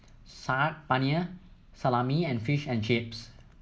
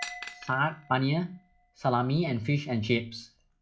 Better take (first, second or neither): first